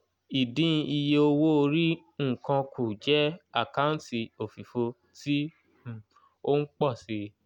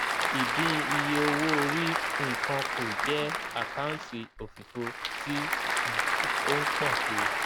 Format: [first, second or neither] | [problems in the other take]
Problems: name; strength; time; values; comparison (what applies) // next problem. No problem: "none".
first | background sound (Applause / Crowd); 4 dB above the speech